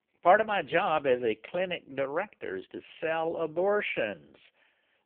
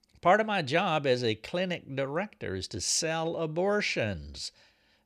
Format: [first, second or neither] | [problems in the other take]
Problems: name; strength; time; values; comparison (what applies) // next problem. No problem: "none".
second | phone-call audio; poor line